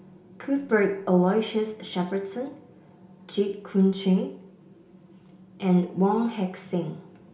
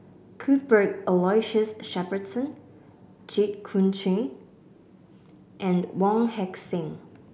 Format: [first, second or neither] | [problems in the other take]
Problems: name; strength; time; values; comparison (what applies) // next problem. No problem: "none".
second | room echo; dies away in 0.4 s